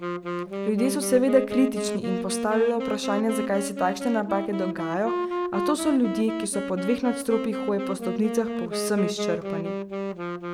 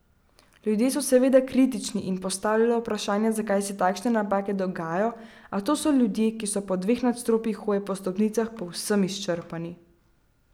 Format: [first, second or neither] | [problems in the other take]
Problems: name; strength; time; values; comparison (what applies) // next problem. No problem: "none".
second | background sound (Wind instrument, woodwind instrument); 4 dB below the speech